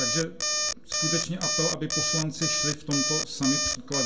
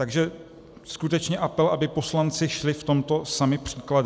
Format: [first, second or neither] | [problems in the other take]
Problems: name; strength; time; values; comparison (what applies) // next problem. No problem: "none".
second | background sound (Alarm); 3 dB above the speech // room echo; dies away in 0.2 s